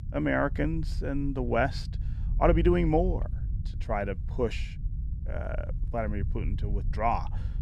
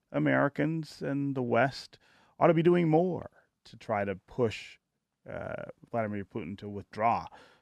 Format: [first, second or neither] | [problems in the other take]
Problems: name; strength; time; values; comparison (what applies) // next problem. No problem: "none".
second | low rumble; faint; throughout; 20 dB below the speech